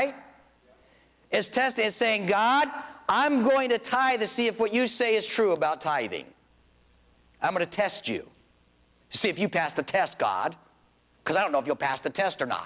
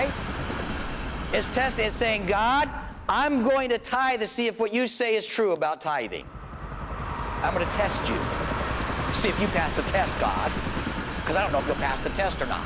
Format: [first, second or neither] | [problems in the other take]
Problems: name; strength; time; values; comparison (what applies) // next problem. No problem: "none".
first | background sound (Train); 4 dB below the speech